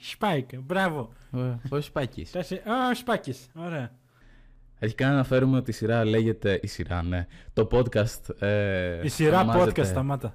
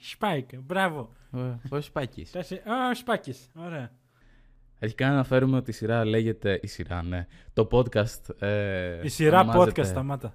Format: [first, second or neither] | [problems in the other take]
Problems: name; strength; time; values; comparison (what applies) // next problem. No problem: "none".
second | distortion; slight; 10 dB below the speech